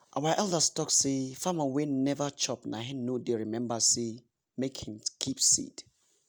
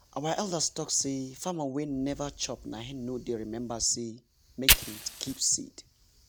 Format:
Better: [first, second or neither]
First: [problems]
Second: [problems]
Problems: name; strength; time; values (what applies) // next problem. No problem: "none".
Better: first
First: none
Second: background sound (Fire); 2 dB below the speech